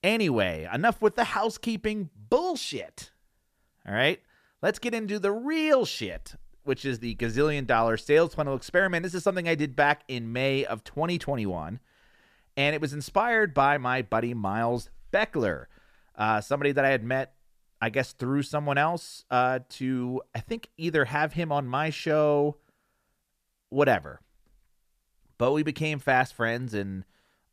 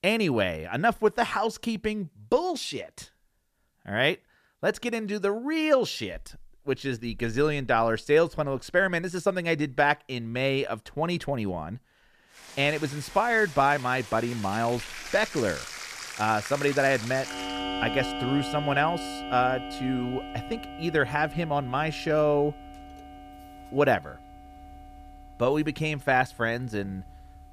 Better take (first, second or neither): first